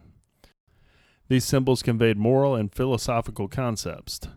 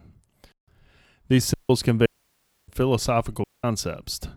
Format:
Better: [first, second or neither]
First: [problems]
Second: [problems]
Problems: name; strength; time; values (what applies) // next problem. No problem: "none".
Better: first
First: none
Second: audio cutting out; at 1.5 s, at 2 s for 0.5 s and at 3.5 s